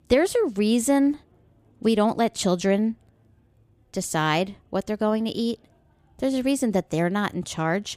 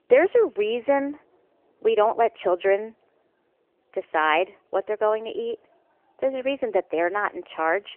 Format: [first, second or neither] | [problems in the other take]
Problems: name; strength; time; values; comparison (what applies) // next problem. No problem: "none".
first | phone-call audio; nothing above 3 kHz